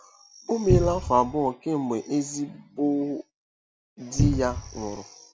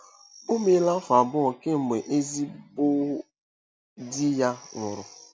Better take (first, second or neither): second